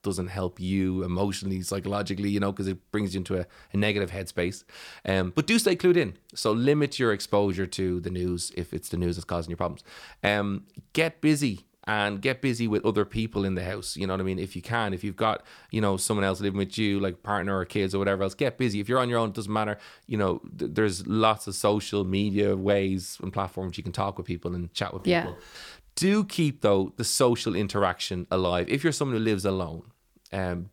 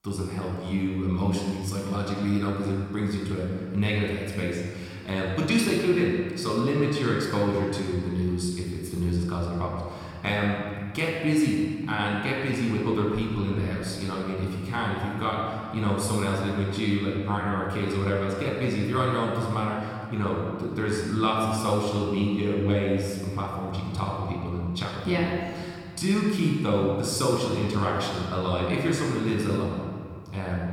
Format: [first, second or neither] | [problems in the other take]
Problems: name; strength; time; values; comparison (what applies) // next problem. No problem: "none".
first | room echo; noticeable; dies away in 2 s // off-mic speech; somewhat distant